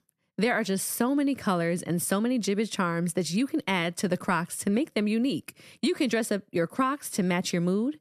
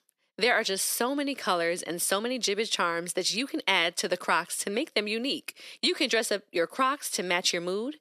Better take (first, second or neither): first